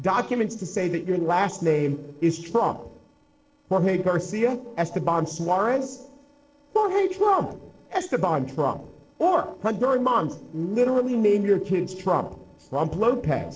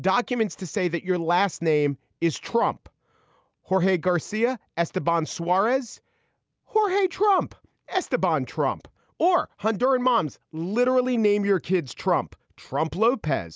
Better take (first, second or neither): second